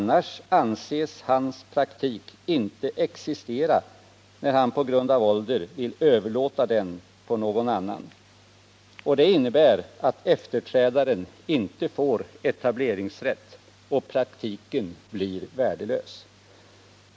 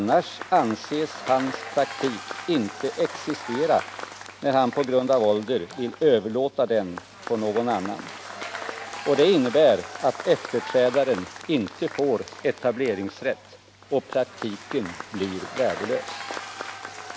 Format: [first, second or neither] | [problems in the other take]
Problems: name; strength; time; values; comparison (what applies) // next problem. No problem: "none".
first | background sound (Applause / Crowd / Cheering); 13 dB below the speech